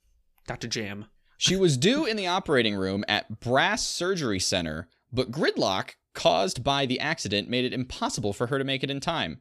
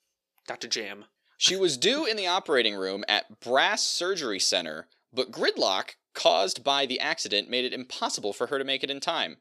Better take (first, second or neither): first